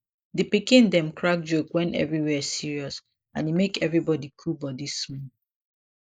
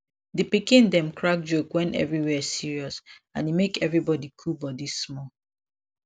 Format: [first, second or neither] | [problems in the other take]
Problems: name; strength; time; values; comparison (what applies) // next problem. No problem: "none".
second | noise reduction (neural mask model Resemble Enhance denoiser)